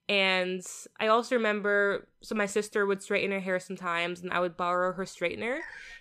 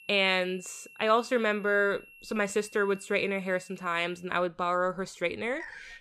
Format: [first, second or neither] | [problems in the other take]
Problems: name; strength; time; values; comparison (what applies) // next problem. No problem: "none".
first | high-pitched whine; faint; until 4 s; 2.5 kHz, 20 dB below the speech